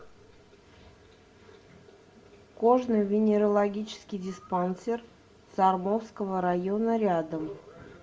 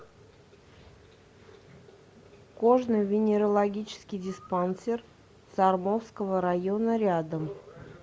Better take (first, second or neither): second